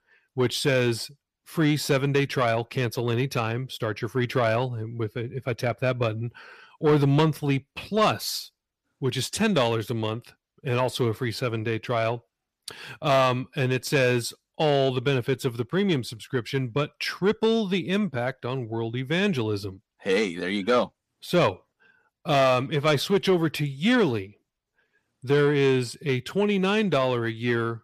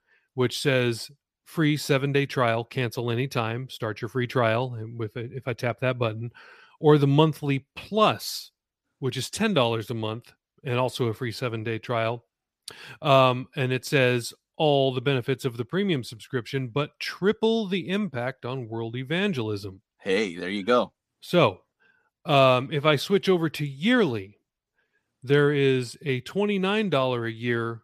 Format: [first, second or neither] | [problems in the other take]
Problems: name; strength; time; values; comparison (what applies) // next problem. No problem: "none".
second | distortion; slight; 10 dB below the speech